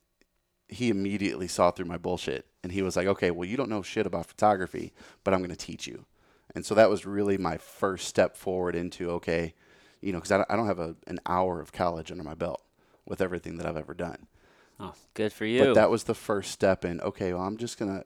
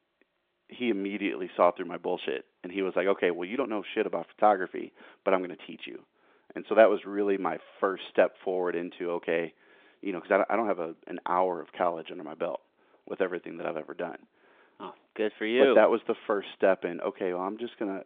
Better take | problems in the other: first | phone-call audio; nothing above 3.5 kHz

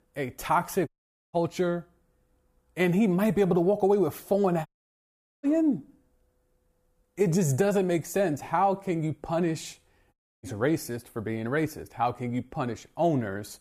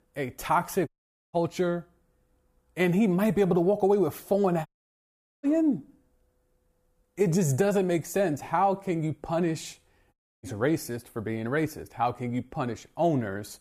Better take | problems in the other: neither | audio cutting out; at 1 s, at 4.5 s for 1 s and at 10 s; the same in both

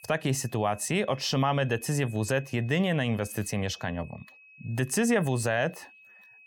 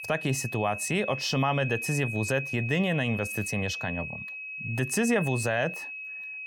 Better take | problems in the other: first | high-pitched whine; loud; throughout; 2.5 kHz, 6 dB below the speech; faint in the first

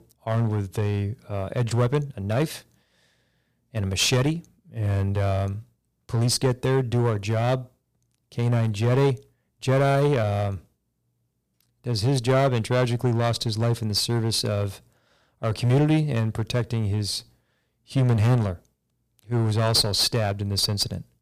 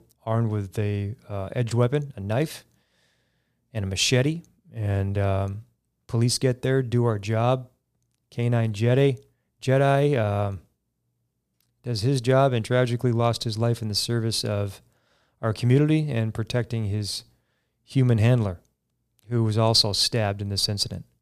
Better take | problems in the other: second | distortion; slight; 6% of the sound clipped

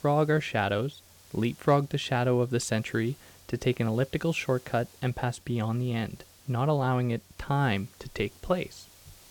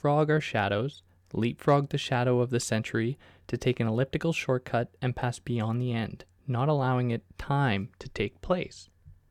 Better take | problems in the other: second | hiss; faint; throughout; 25 dB below the speech

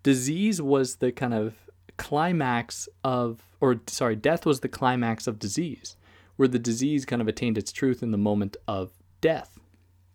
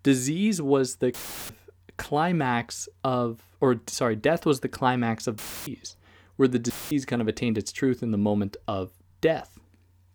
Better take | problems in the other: first | audio cutting out; filled with static; at 1 s, at 5.5 s and at 6.5 s

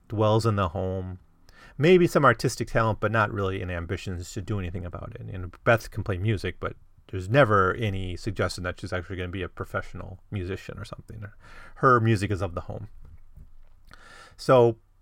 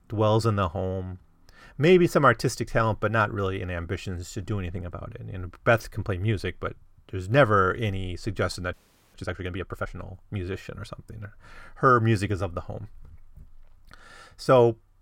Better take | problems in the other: first | audio freezing; at 8.5 s

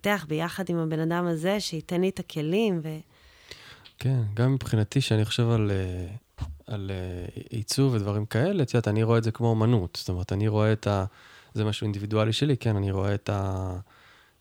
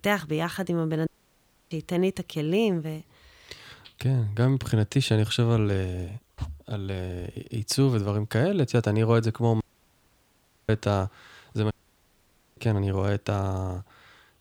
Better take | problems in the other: first | audio cutting out; at 1 s for 0.5 s, at 9.5 s for 1 s and at 12 s for 1 s

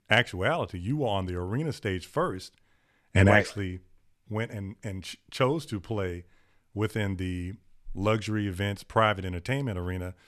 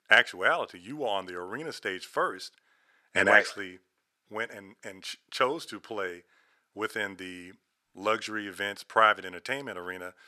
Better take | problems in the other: first | thin; very; fading below 400 Hz

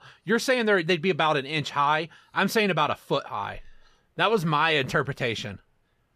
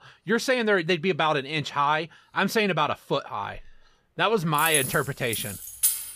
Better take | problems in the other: first | jangling keys; loud; from 4.5 s on; peak 2 dB above the speech

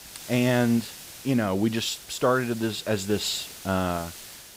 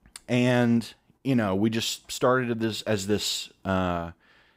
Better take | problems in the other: second | hiss; noticeable; throughout; 15 dB below the speech

